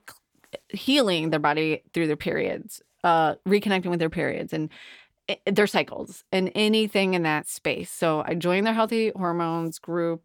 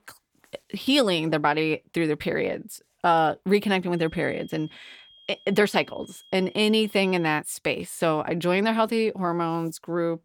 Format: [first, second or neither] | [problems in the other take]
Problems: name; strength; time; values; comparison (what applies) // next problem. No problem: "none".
first | high-pitched whine; faint; from 4 to 7.5 s; 3 kHz, 25 dB below the speech